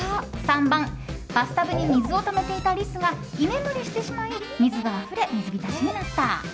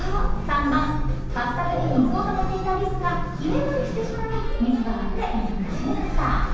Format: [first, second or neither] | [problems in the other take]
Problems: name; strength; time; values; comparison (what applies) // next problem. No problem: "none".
first | background sound (Gull, seagull); 2 dB below the speech // room echo; dies away in 1.1 s